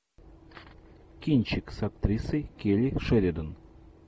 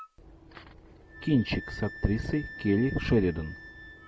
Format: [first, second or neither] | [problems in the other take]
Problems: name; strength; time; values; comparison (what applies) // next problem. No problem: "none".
first | background sound (Wind instrument, woodwind instrument); 16 dB below the speech